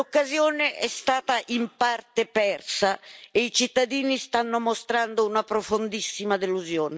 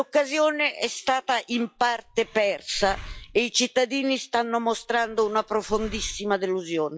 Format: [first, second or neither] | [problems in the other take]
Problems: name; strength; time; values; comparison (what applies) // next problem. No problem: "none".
first | noise reduction (classical method log-MMSE)